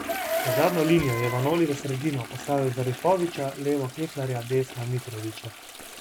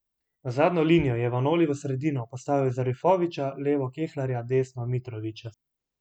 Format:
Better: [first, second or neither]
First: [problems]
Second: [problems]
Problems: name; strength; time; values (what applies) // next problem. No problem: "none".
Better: second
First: background sound (Chicken, rooster + Toilet flush); 8 dB below the speech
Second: none